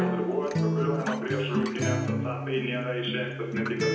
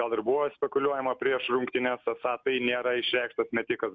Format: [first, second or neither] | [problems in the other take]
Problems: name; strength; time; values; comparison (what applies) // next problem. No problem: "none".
second | background sound (Acoustic guitar); 2 dB above the speech // room echo; dies away in 0.9 s